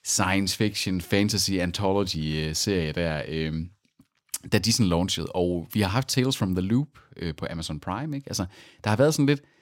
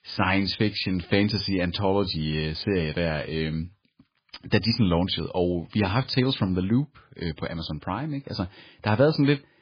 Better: first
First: none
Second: garbled, watery; badly; nothing above 5 kHz

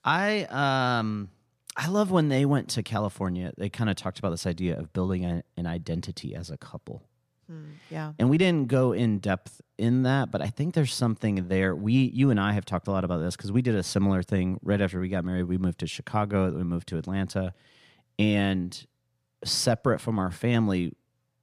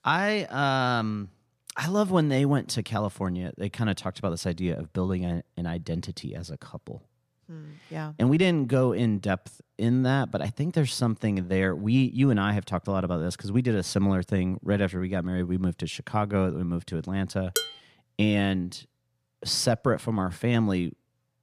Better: first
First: none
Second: clattering dishes; noticeable; at 18 s; peak 3 dB below the speech

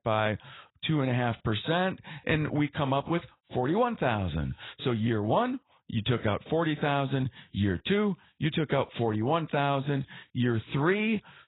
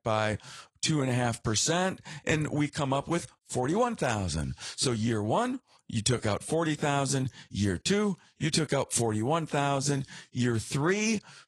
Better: second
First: garbled, watery; badly; nothing above 4 kHz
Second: garbled, watery; slightly

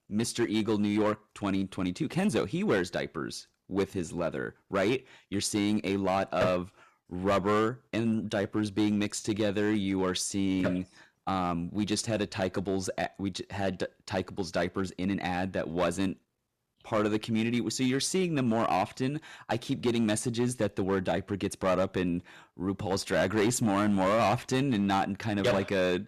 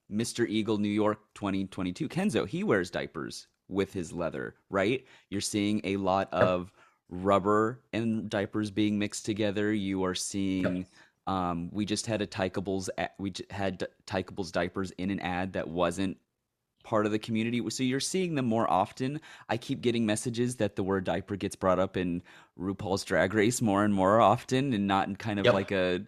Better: second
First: distortion; slight; 5% of the sound clipped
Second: none

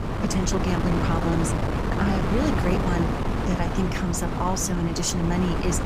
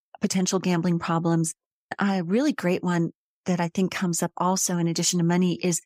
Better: second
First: wind noise on the microphone; heavy; as loud as the speech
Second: none

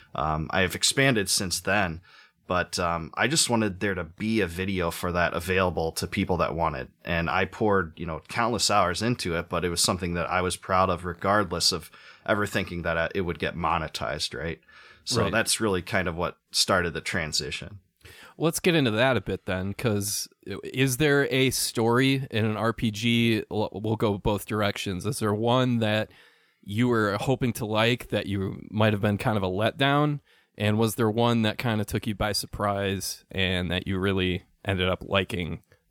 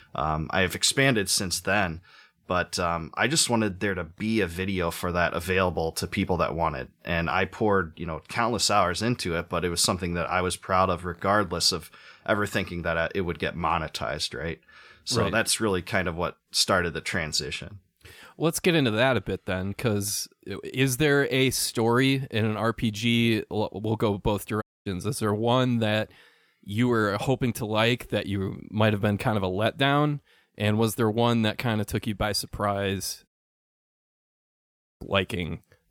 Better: first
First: none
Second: audio cutting out; at 25 s and at 33 s for 1.5 s

